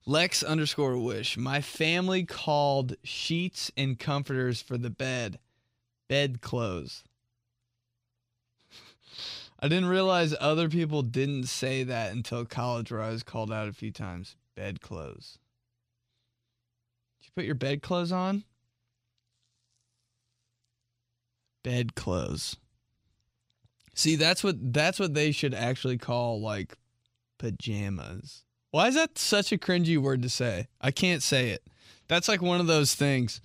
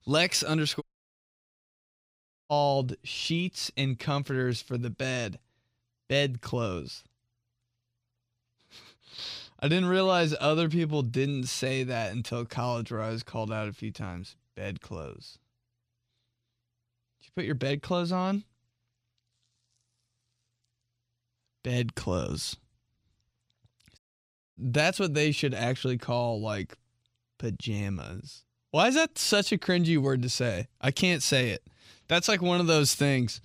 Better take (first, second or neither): first